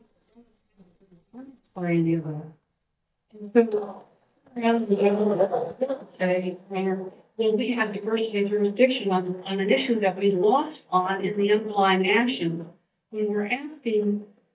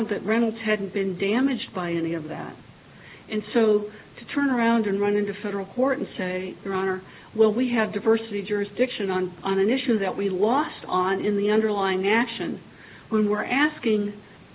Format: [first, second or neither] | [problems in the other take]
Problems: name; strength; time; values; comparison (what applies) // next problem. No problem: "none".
second | noise reduction (neural mask model DeepFilterNet 3)